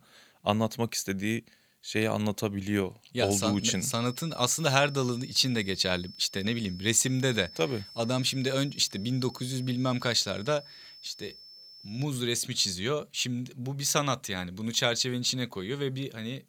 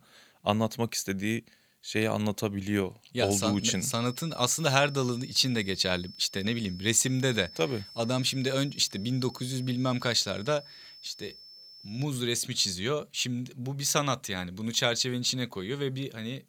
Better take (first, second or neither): neither